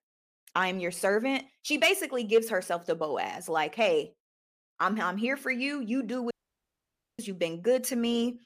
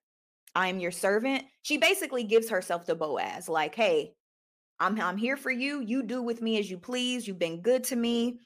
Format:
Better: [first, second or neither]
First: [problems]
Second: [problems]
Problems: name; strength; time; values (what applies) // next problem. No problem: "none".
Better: second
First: audio cutting out; at 6.5 s for 1 s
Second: none